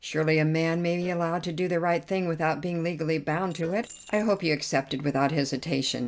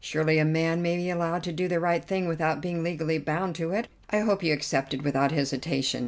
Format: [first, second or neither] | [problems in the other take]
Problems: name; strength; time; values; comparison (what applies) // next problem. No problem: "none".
second | noise reduction (neural separator model SepFormer DNS4)